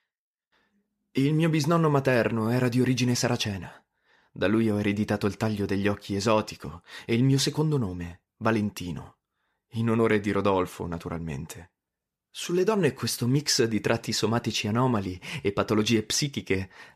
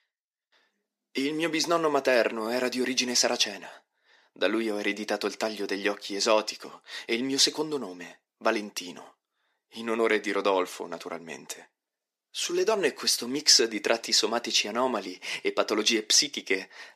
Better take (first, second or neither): first